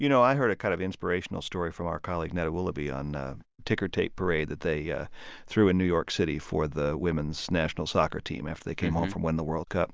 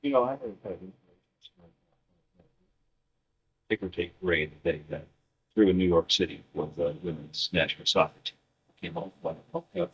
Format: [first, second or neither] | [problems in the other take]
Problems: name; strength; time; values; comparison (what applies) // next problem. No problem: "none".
first | noise reduction (neural mask model DeepFilterNet 3)